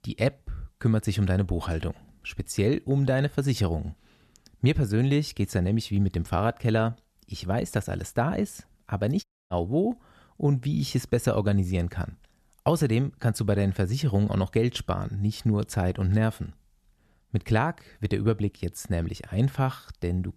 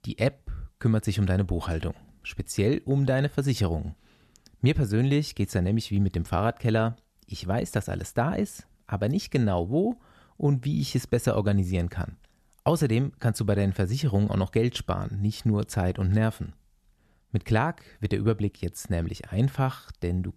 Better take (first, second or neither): second